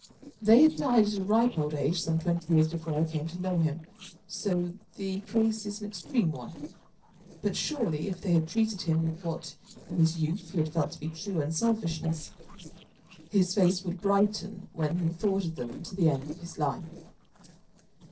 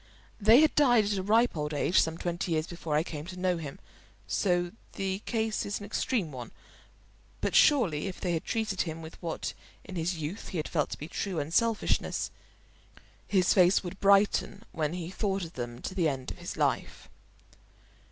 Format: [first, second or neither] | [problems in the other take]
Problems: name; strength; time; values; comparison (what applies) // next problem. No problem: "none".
second | noise reduction (neural separator model SepFormer DNS4)